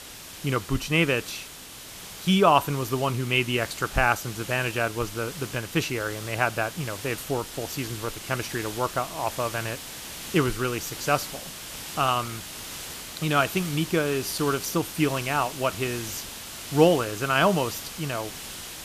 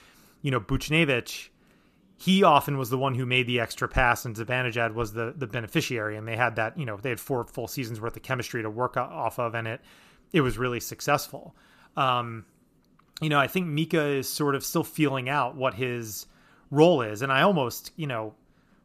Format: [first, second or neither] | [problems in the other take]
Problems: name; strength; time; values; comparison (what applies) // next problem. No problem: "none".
second | hiss; noticeable; throughout; 10 dB below the speech